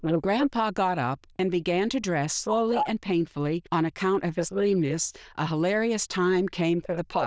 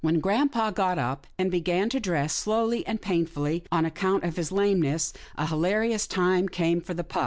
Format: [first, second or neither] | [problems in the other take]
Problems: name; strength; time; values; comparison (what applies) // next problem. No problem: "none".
second | noise reduction (neural diffusion model UNIVERSE++)